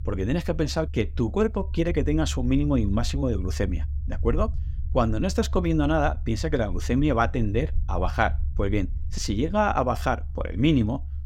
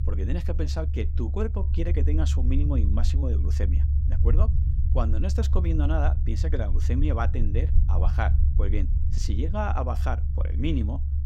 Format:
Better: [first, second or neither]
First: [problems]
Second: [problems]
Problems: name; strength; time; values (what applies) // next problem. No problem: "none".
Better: first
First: low rumble; faint; throughout; 25 dB below the speech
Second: low rumble; loud; throughout; 8 dB below the speech